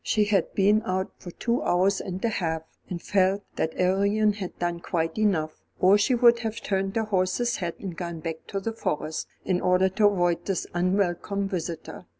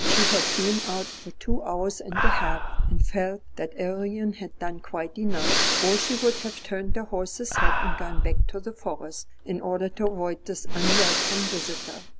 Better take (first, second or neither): first